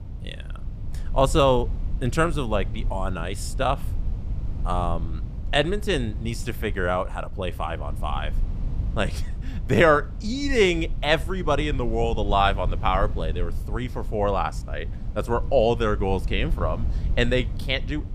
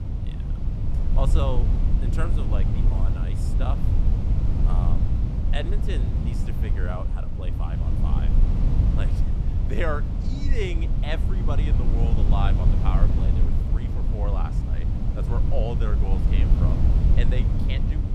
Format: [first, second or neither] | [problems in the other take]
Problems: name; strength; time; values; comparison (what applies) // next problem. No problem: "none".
first | low rumble; loud; throughout; 3 dB below the speech; faint in the first